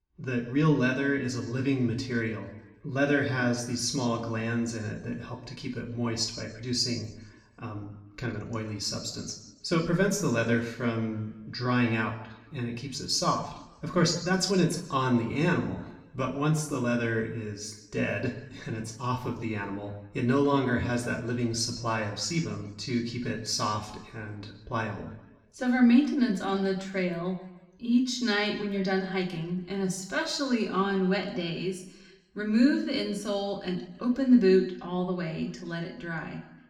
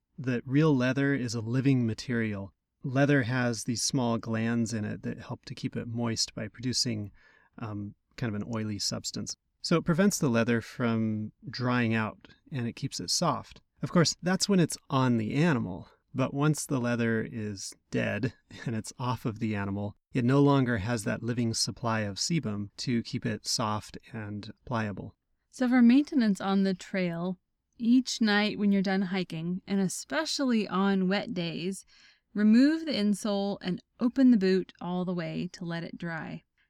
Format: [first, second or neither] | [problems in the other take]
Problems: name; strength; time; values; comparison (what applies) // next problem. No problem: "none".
second | room echo; slight; dies away in 0.8 s // off-mic speech; somewhat distant